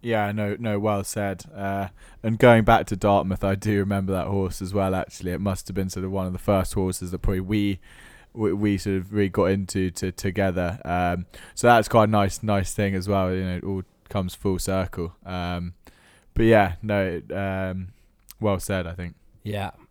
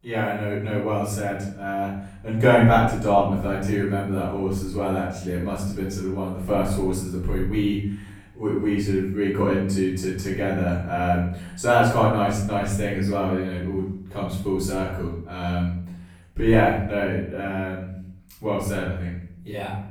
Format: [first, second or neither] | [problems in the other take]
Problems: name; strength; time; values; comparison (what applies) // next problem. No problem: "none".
first | room echo; noticeable; dies away in 0.6 s // off-mic speech; far